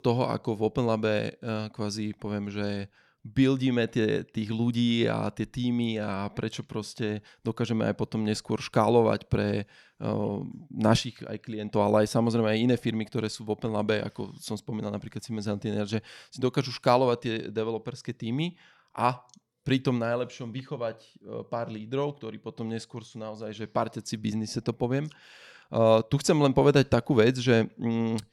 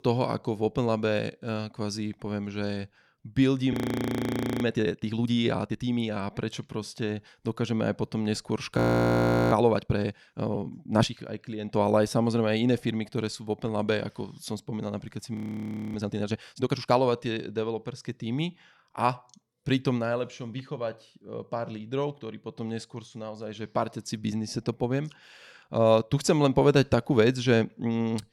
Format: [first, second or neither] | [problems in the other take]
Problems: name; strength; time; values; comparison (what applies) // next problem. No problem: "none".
first | audio freezing; at 3.5 s for 1 s, at 9 s for 0.5 s and at 15 s for 0.5 s